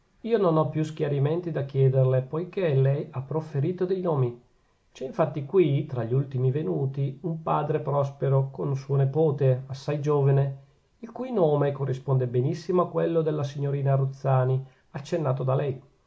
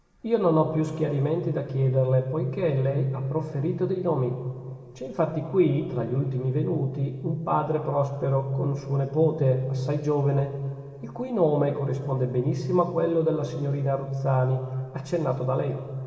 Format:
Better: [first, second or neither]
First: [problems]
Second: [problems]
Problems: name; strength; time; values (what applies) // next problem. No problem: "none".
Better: first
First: none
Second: room echo; dies away in 2.7 s